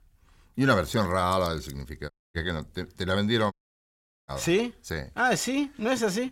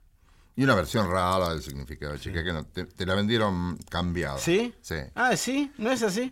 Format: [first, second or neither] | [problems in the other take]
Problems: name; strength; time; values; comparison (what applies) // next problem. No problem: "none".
second | audio cutting out; at 2 s and at 3.5 s for 1 s